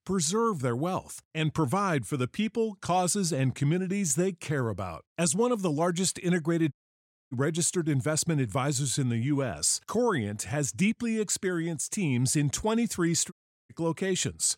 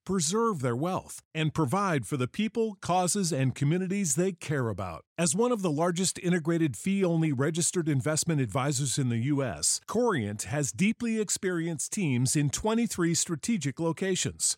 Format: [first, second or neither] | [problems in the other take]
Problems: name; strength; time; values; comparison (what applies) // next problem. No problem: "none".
second | audio cutting out; at 6.5 s for 0.5 s and at 13 s